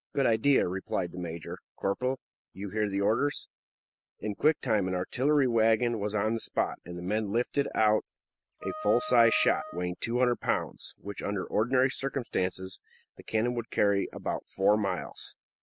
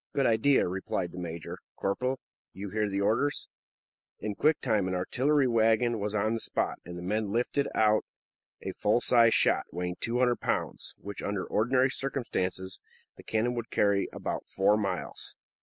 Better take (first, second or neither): second